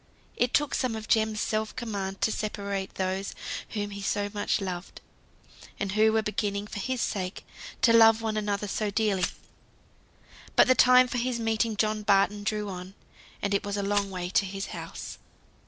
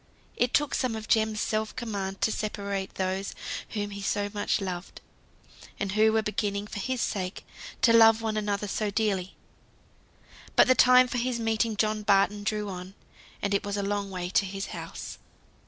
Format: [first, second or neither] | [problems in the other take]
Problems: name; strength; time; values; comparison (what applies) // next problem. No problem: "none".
second | background sound (Glass); 12 dB below the speech